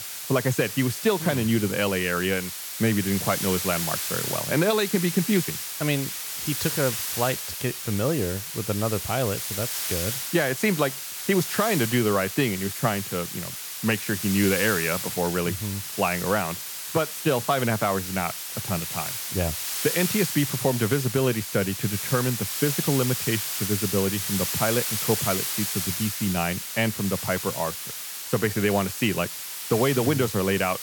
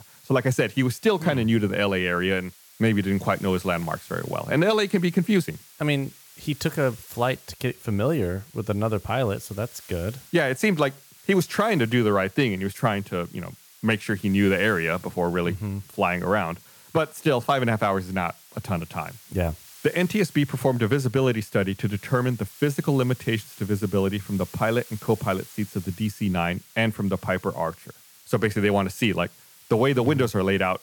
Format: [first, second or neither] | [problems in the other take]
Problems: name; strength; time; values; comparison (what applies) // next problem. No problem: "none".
second | hiss; loud; throughout; 3 dB below the speech; faint in the second